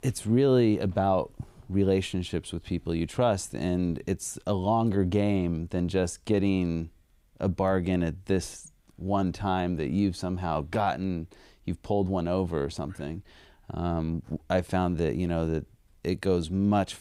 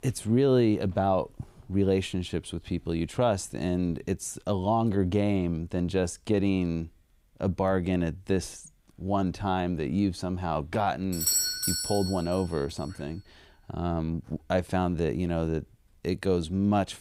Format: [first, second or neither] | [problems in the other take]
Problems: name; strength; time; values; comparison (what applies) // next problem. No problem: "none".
first | doorbell; loud; at 11 s; peak 5 dB above the speech